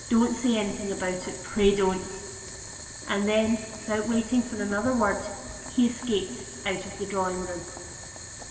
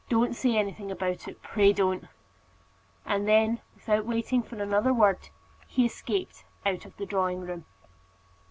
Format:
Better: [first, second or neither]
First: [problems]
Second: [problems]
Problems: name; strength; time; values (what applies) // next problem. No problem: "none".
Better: second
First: background sound (Boiling); 12 dB below the speech // room echo; dies away in 1.9 s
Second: none